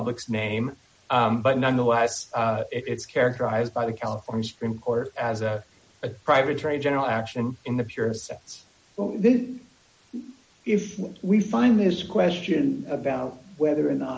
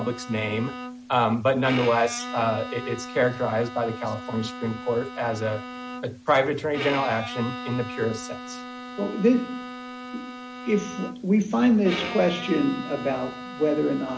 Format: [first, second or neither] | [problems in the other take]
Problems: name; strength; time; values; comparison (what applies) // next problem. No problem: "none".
first | background sound (Bowed string instrument); 10 dB below the speech